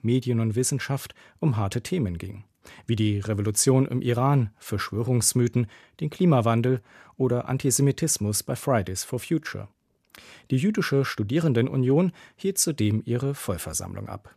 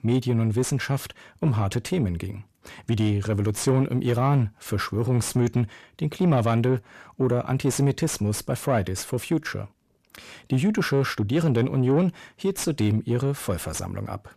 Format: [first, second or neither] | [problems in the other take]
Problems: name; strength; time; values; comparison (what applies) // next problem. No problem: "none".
first | distortion; slight; 10 dB below the speech